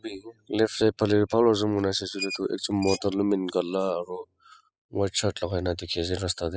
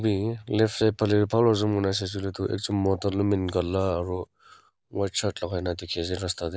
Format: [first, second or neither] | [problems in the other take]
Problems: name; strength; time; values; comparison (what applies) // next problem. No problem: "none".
second | noise reduction (classical method spectral subtraction)